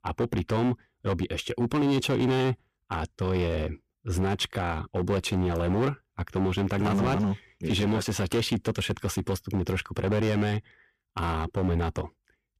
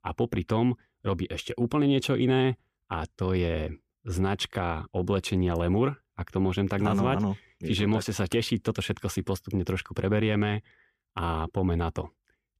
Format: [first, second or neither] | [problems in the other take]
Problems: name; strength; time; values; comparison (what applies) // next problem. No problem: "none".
second | distortion; slight; 12% of the sound clipped